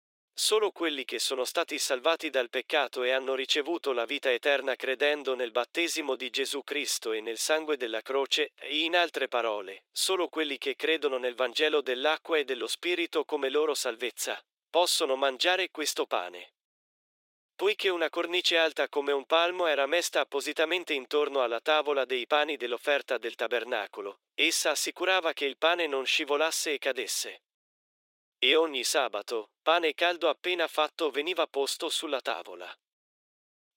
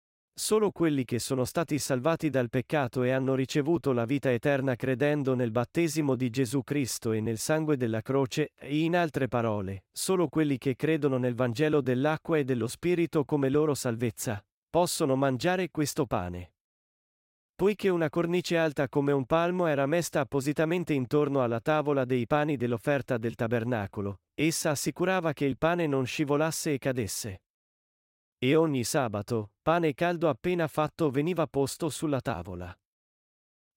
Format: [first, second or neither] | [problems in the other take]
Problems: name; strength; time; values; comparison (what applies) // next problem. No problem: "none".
second | thin; very; fading below 350 Hz